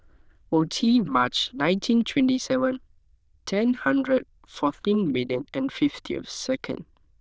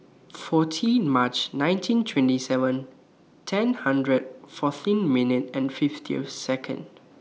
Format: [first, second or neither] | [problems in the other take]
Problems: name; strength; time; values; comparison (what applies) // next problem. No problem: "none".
second | noise reduction (neural diffusion model UNIVERSE++)